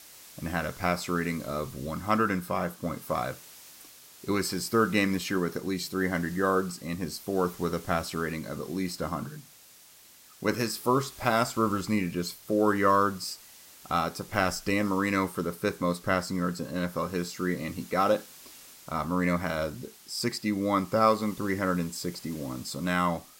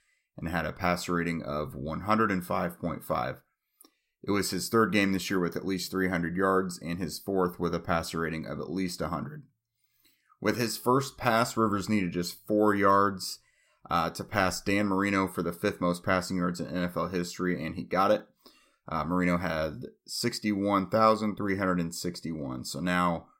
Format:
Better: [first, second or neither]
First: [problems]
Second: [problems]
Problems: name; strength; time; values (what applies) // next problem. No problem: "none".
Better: second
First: hiss; noticeable; throughout; 20 dB below the speech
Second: none